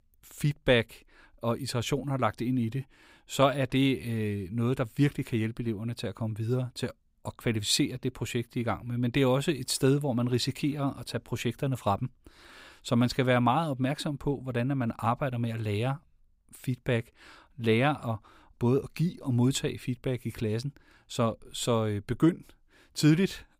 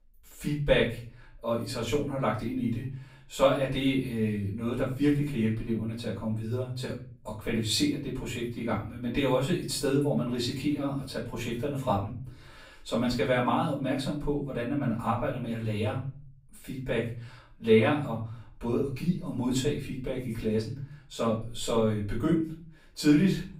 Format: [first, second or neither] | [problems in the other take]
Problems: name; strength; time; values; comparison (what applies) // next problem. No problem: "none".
first | room echo; slight; dies away in 0.4 s // off-mic speech; far